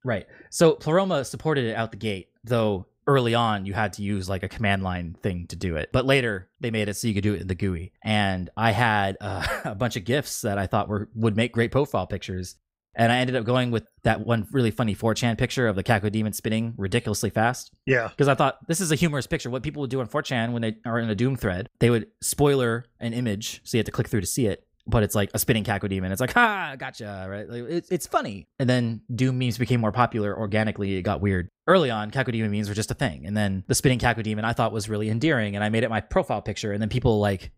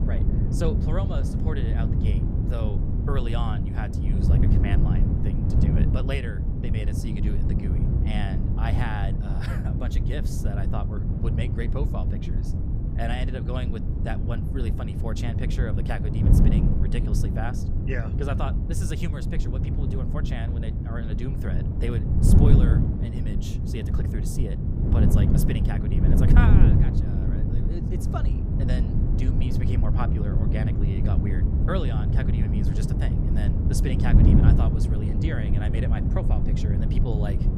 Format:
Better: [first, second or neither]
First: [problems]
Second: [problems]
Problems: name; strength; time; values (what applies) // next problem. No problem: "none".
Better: first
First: none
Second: wind noise on the microphone; heavy; 1 dB above the speech